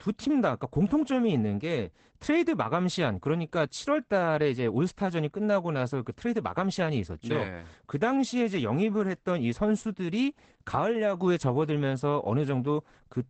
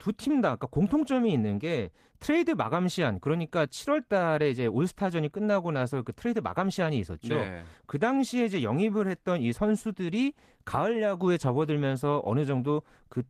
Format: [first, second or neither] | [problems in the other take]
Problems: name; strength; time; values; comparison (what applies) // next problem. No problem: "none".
second | garbled, watery; badly; nothing above 8 kHz; slightly in the second